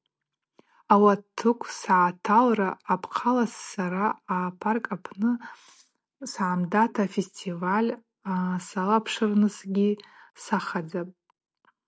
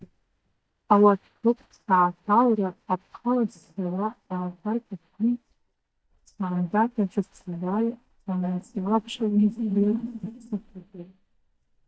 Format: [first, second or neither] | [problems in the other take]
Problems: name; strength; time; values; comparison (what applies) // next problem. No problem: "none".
first | noise reduction (neural mask model DeepFilterNet 3)